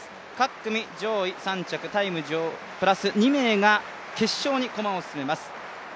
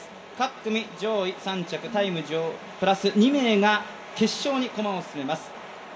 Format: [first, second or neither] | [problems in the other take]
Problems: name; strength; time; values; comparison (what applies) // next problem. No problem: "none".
first | background sound (Brass instrument); 17 dB below the speech // room echo; dies away in 0.7 s